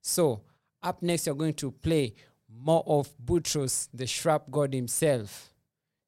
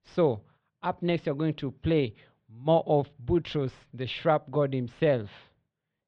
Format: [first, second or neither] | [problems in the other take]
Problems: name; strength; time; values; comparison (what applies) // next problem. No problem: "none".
first | muffled; very; fading above 3.5 kHz